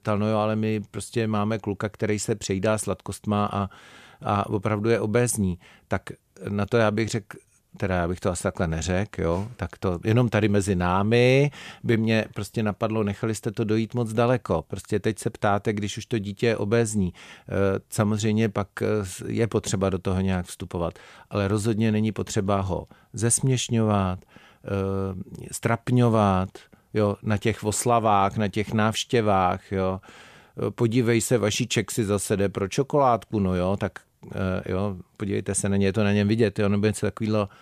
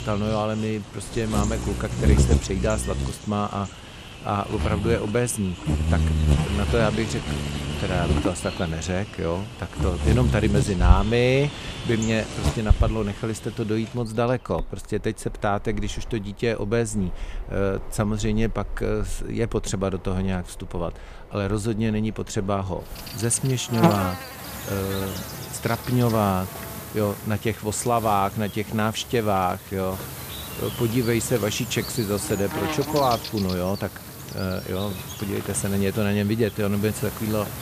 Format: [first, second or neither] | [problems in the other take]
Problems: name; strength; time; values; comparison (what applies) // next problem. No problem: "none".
first | animal sounds; loud; throughout; 3 dB below the speech